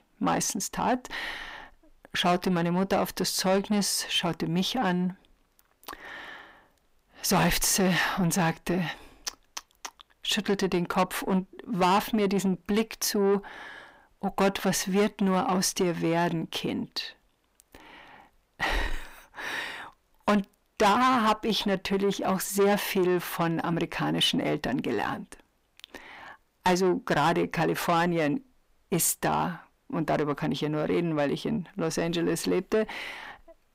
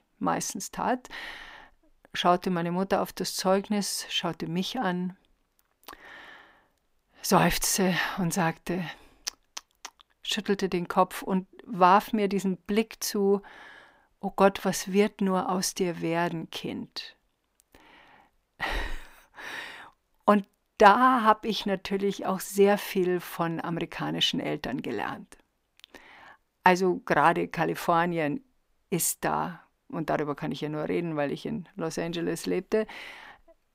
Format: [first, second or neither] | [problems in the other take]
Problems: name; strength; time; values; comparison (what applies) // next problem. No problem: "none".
second | distortion; heavy; 7 dB below the speech